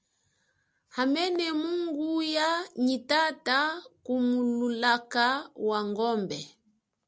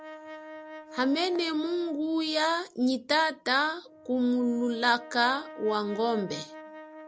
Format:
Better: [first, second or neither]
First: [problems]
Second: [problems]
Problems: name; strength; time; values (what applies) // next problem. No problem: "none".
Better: first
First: none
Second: background sound (Brass instrument); 17 dB below the speech